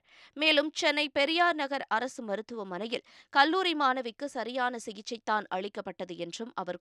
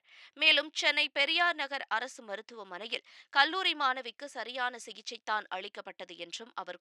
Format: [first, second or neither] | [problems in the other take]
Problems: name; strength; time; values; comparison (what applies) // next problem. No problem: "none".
first | thin; somewhat; fading below 800 Hz